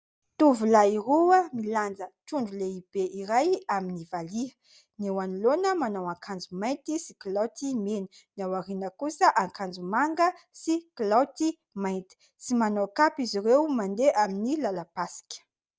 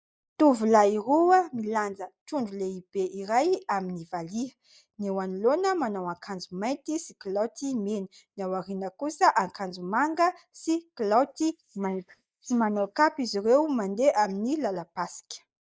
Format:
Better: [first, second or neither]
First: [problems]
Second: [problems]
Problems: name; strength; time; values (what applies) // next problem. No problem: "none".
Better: first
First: none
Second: noise reduction (neural mask model Resemble Enhance denoiser)